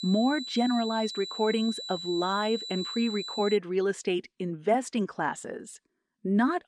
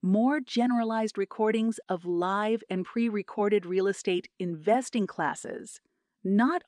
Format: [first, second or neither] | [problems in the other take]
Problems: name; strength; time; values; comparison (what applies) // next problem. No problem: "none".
second | high-pitched whine; loud; until 3.5 s; 4 kHz, 7 dB below the speech